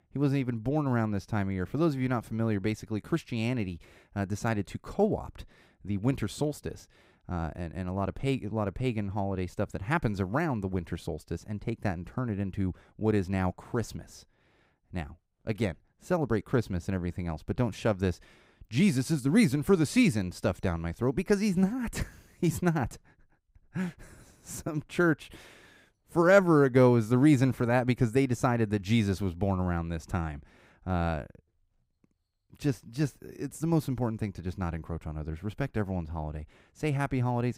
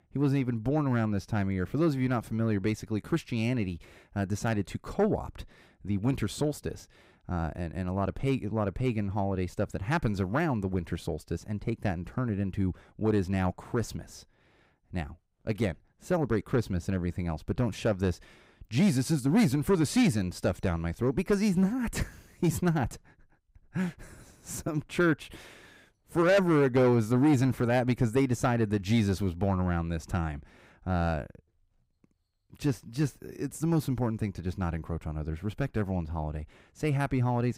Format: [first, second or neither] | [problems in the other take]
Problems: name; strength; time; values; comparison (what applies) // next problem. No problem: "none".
first | distortion; slight; 10 dB below the speech